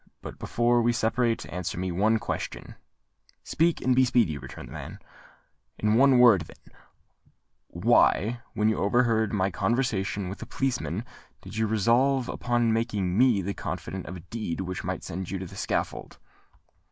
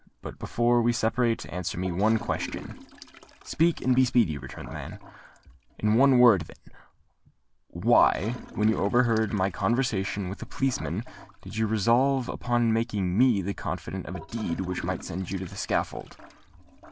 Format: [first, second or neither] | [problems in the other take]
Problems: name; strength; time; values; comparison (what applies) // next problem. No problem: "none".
first | background sound (Toilet flush / Gurgling); 18 dB below the speech